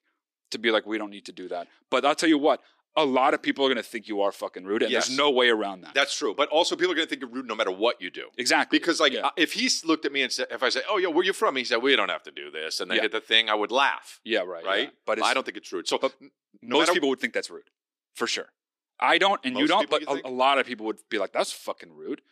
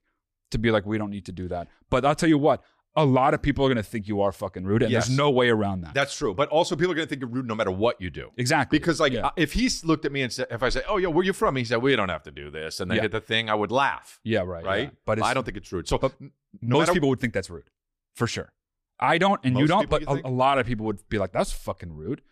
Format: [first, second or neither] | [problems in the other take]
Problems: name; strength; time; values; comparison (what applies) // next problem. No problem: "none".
second | thin; very slightly; fading below 300 Hz